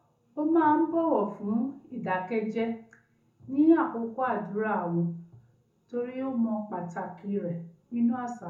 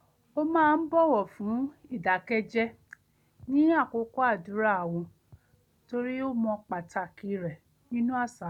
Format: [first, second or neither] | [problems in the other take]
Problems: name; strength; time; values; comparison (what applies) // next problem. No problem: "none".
second | room echo; dies away in 0.6 s